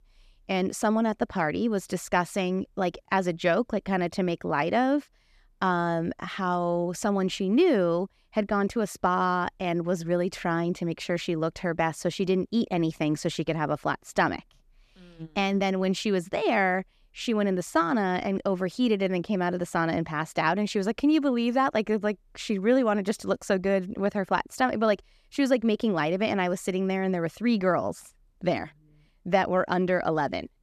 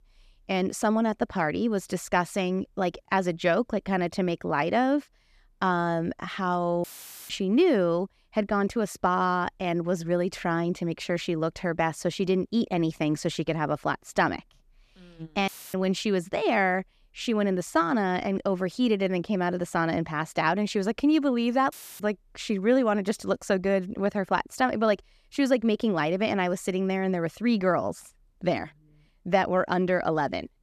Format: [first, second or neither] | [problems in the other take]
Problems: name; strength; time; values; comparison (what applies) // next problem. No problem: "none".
first | audio cutting out; filled with static; at 7 s, at 15 s and at 22 s